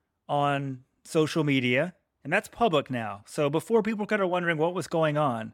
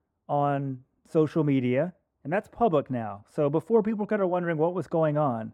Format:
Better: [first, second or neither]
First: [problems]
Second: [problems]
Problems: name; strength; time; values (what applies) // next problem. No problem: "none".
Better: first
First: none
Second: muffled; very; fading above 1.5 kHz